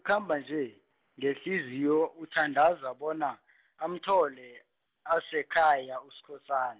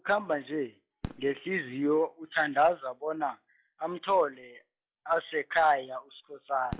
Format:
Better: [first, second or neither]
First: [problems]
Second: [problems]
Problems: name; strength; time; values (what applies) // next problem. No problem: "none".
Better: first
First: none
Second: noise reduction (classical method log-MMSE)